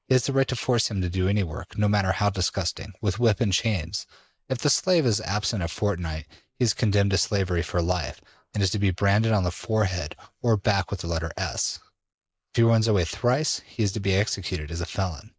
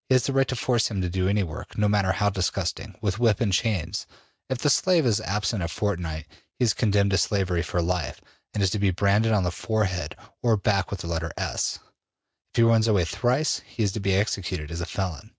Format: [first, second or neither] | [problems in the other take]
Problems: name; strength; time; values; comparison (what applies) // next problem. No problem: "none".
second | noise reduction (neural mask model Resemble Enhance denoiser)